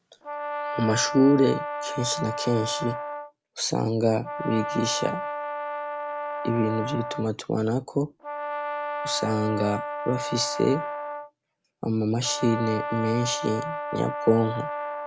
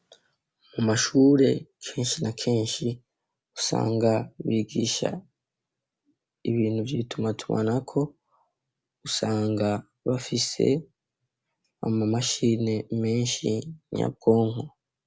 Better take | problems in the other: second | background sound (Brass instrument); 6 dB below the speech

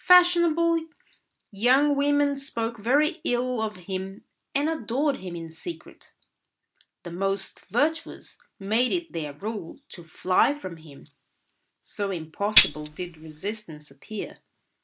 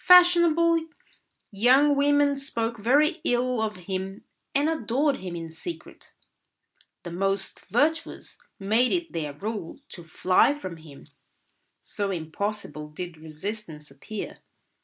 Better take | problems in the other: second | background sound (Tambourine); 1 dB above the speech

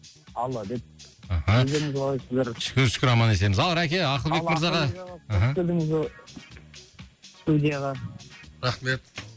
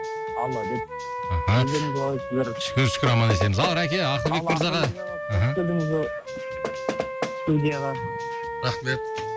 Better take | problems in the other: first | background sound (Wind instrument, woodwind instrument + Knock); 5 dB below the speech

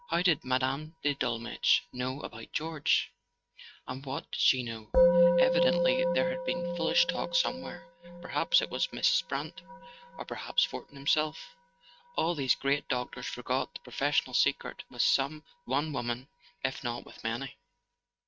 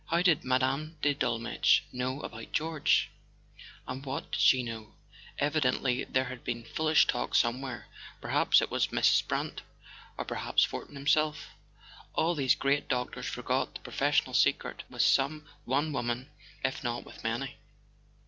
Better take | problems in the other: second | noise reduction (neural mask model RNNoise)

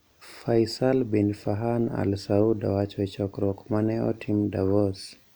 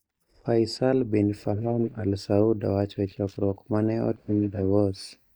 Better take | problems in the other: first | noise reduction (neural mask model DeepFilterNet 3)

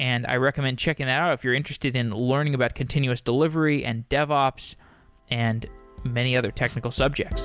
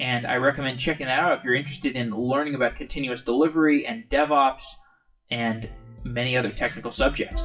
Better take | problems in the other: first | noise reduction (classical method WPE with log-MMSE)

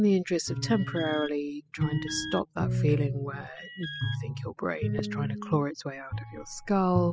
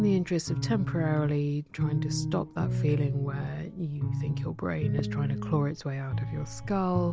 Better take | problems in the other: second | noise reduction (classical method spectral subtraction)

